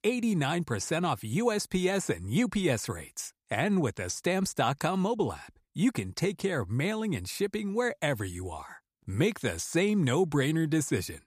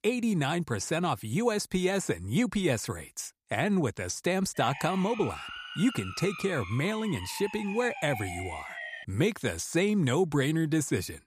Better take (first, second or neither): first